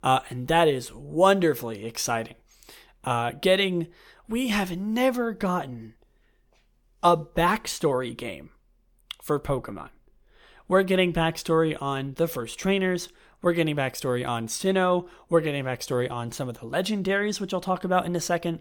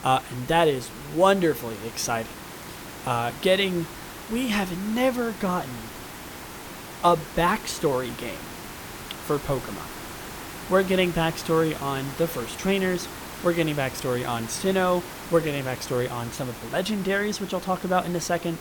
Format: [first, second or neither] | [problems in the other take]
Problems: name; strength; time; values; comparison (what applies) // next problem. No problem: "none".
first | hiss; noticeable; throughout; 10 dB below the speech